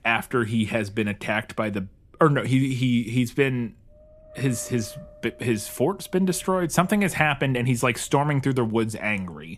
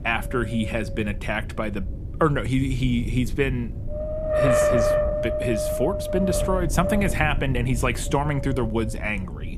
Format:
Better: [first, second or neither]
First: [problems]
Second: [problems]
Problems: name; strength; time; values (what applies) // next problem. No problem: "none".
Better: first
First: wind noise on the microphone; occasional gusts; 20 dB below the speech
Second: wind noise on the microphone; heavy; 3 dB above the speech